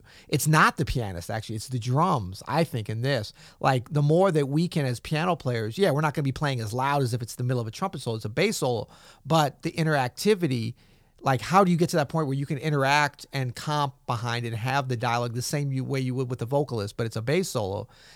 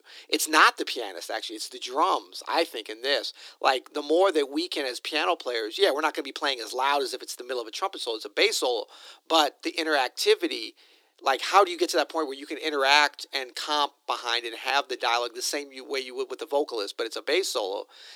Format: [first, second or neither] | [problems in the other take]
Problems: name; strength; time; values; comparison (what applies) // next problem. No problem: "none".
first | thin; very; fading below 300 Hz